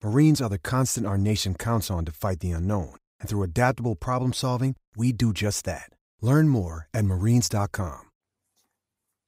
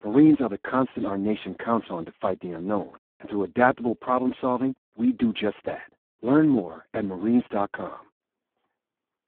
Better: first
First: none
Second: phone-call audio; poor line

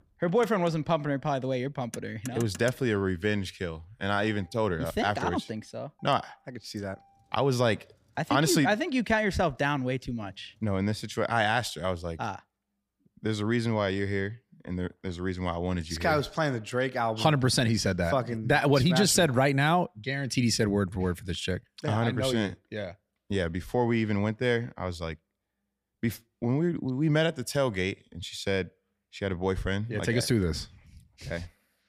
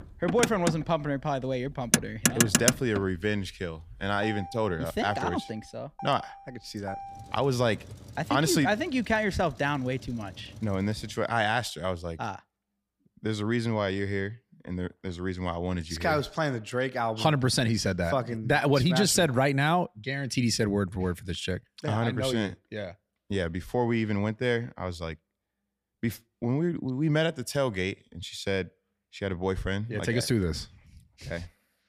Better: first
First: traffic noise; faint; until 11 s; 20 dB below the speech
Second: traffic noise; loud; until 11 s; 1 dB below the speech

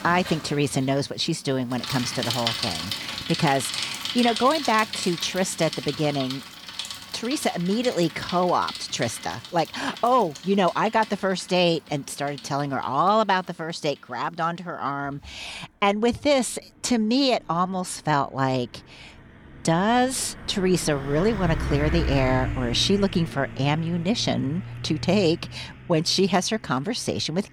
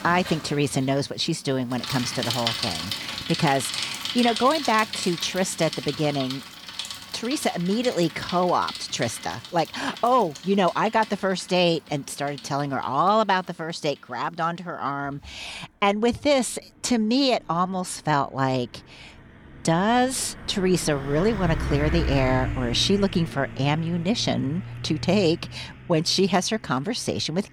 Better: neither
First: traffic noise; loud; throughout; 8 dB below the speech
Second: traffic noise; loud; throughout; 8 dB below the speech

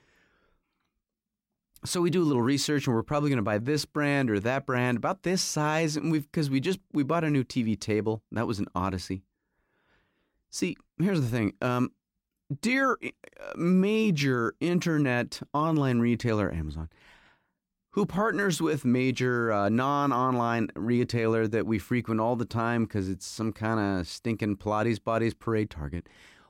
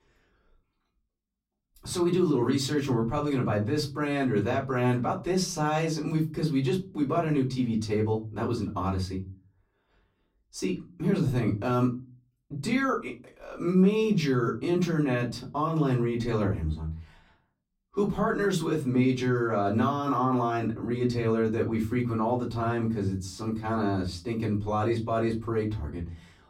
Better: first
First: none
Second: off-mic speech; far // room echo; very slight; dies away in 0.4 s

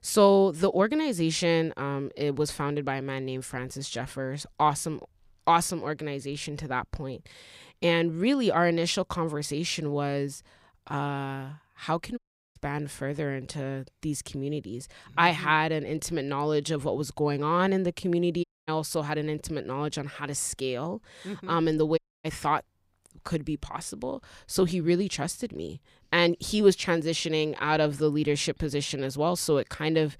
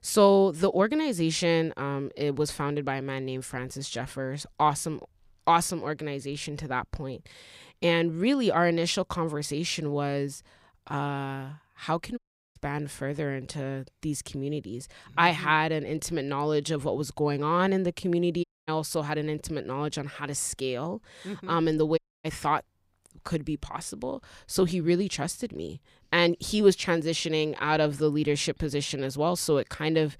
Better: neither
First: audio cutting out; at 12 s, at 18 s and at 22 s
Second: audio cutting out; at 12 s, at 18 s and at 22 s

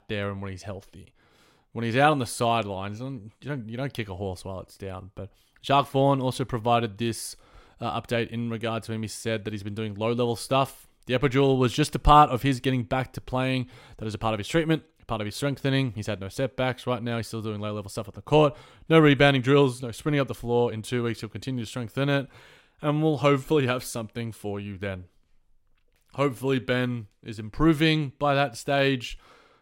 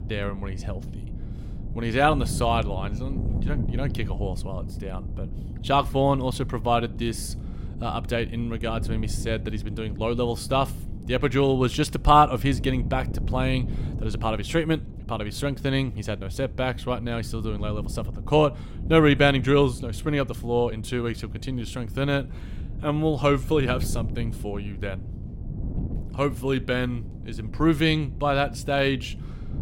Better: first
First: none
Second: wind noise on the microphone; occasional gusts; 20 dB below the speech

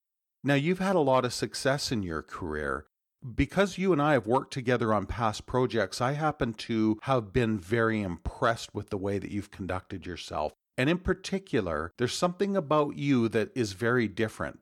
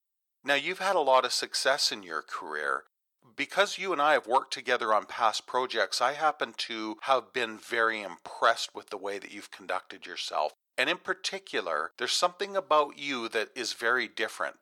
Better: first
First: none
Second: thin; very; fading below 750 Hz

